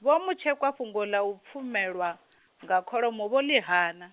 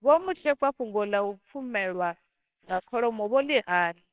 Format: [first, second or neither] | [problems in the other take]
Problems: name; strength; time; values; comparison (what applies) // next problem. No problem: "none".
first | noise reduction (neural separator model SepFormer WHAMR!)